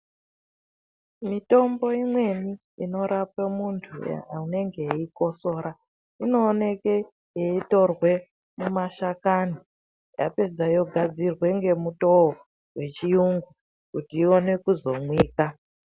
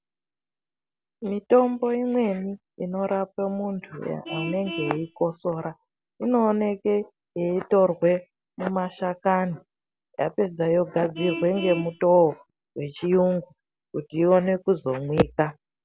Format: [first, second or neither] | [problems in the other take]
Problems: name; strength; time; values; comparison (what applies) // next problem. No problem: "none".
first | background sound (Vehicle horn, car horn, honking); 17 dB below the speech